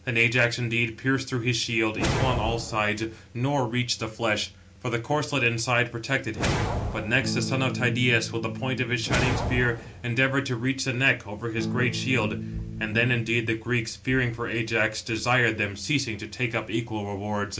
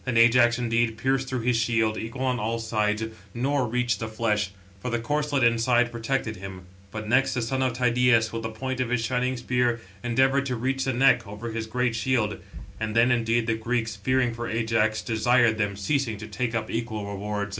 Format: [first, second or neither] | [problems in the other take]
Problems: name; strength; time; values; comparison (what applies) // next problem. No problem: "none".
second | background sound (Electric guitar / Strum + Whoosh, swoosh, swish); 5 dB below the speech